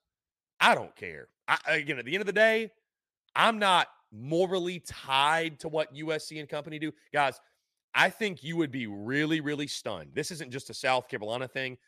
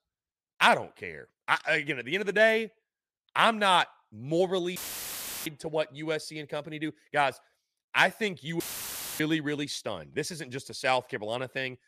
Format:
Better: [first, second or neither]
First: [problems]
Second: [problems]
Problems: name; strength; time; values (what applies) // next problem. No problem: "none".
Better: first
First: none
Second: audio cutting out; filled with static; at 5 s for 0.5 s and at 8.5 s for 0.5 s